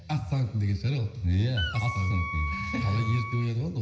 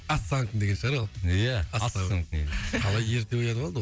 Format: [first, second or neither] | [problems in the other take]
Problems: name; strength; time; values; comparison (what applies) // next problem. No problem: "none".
second | background sound (Wind instrument, woodwind instrument); 9 dB below the speech // room echo; dies away in 0.9 s